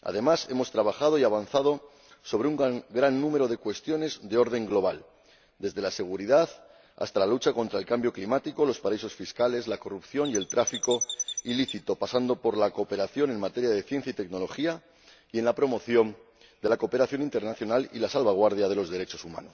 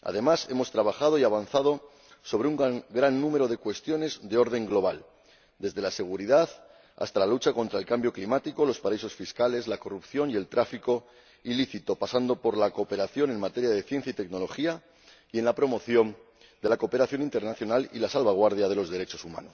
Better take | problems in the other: second | background sound (Chirp, tweet); 7 dB below the speech

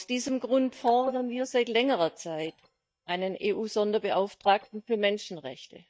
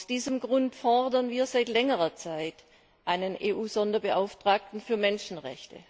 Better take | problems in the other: second | noise reduction (neural mask model DeepFilterNet 3)

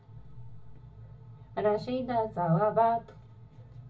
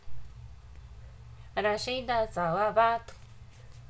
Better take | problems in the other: second | room echo; dies away in 0.4 s

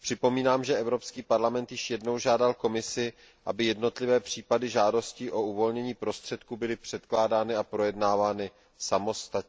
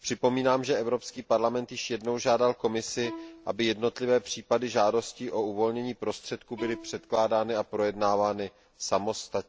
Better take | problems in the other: first | background sound (Bowed string instrument); 17 dB below the speech

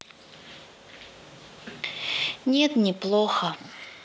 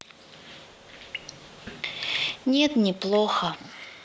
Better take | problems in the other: first | background sound (Drip / Sink (filling or washing) / Water tap, faucet / Water); 18 dB below the speech

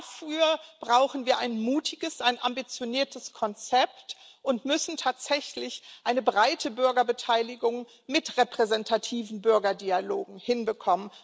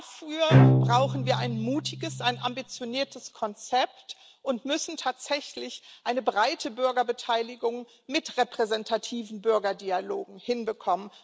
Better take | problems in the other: first | background sound (Bowed string instrument); 4 dB above the speech

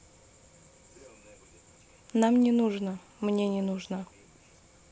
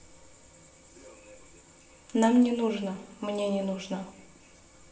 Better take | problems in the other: first | room echo; dies away in 0.7 s

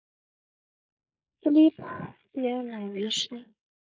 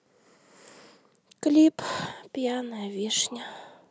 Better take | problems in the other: second | noise reduction (neural mask model Resemble Enhance denoiser)

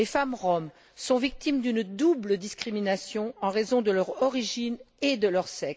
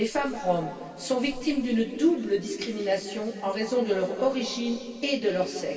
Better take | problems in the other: first | room echo; dies away in 2.6 s

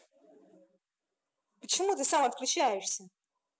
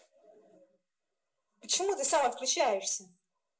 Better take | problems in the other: first | room echo; dies away in 0.2 s

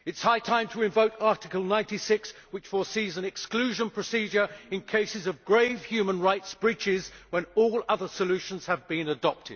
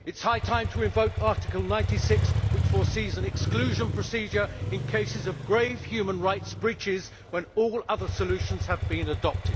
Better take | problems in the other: first | background sound (Motorcycle); as loud as the speech

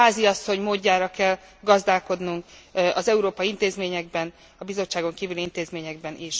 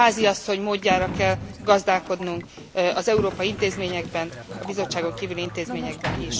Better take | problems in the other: first | background sound (Boat, Water vehicle + Sliding door); 9 dB below the speech

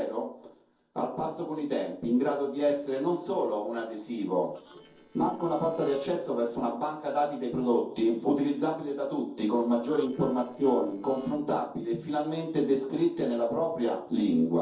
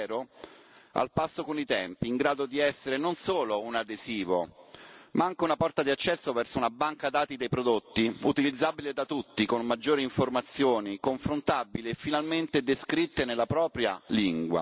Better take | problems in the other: second | noise reduction (neural separator model SepFormer DNS4)

